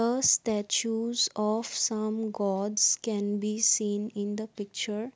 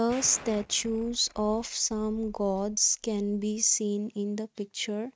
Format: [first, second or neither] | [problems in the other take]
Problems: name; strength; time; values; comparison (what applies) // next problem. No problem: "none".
first | noise reduction (neural mask model RNNoise)